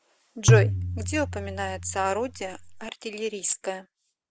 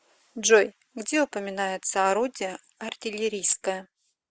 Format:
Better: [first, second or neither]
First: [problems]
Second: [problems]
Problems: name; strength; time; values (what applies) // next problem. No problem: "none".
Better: second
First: background sound (Tabla); 4 dB above the speech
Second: none